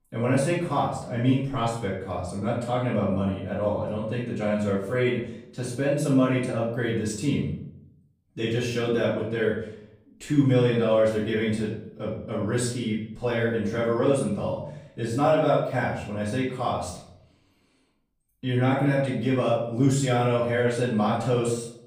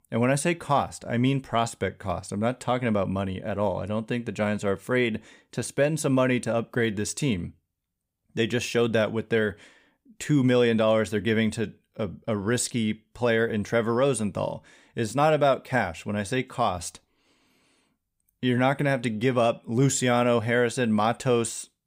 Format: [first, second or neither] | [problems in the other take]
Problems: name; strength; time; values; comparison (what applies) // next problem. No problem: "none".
second | off-mic speech; far // room echo; noticeable; dies away in 0.6 s